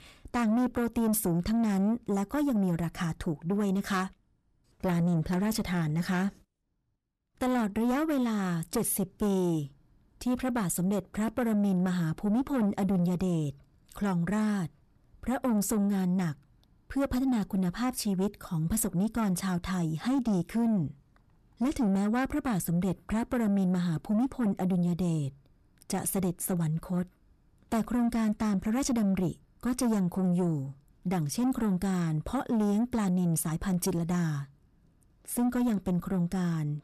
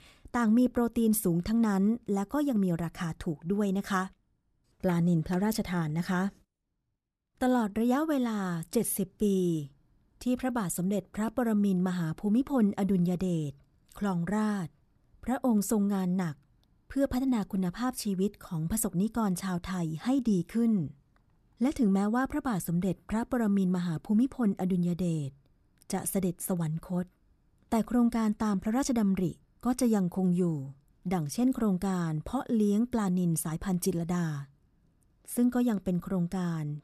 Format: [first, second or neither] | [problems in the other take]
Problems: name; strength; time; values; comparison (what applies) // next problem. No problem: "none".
second | distortion; slight; 10 dB below the speech